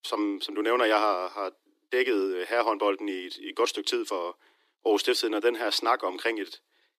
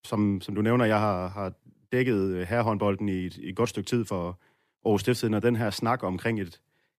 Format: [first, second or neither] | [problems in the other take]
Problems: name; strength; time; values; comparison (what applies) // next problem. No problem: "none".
second | thin; very; fading below 300 Hz